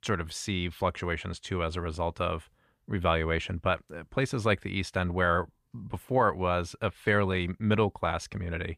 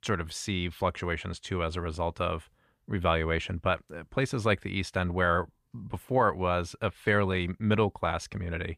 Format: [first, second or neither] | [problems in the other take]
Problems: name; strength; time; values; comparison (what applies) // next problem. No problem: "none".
neither | none